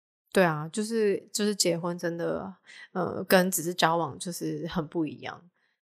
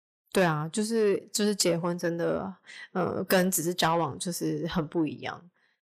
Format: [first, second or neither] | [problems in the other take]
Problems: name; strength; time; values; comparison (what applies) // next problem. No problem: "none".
first | distortion; slight; 10 dB below the speech